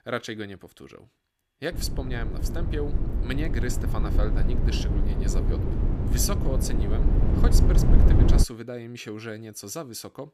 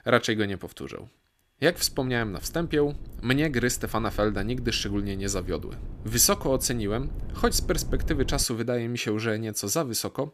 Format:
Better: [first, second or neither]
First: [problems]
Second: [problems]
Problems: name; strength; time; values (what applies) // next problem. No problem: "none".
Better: second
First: low rumble; loud; from 1.5 to 8.5 s; 1 dB below the speech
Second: low rumble; faint; from 1.5 to 8.5 s; 25 dB below the speech